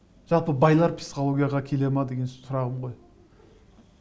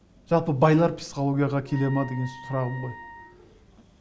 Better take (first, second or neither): first